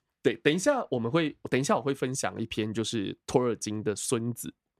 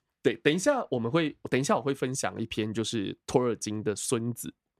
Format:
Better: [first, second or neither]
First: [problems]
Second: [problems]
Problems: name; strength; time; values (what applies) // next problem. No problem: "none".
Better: neither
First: none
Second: none